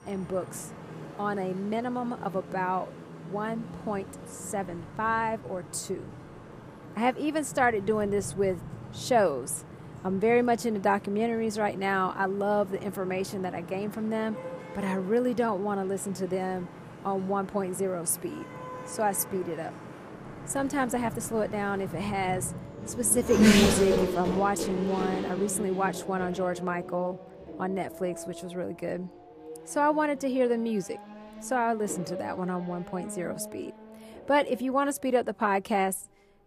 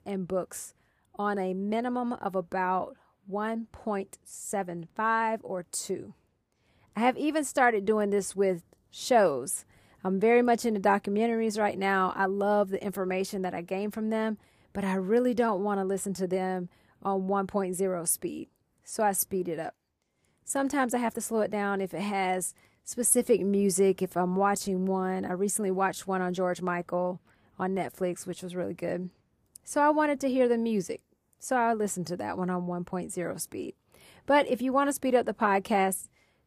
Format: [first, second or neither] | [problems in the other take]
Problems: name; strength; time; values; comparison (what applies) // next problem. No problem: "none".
second | traffic noise; loud; throughout; 6 dB below the speech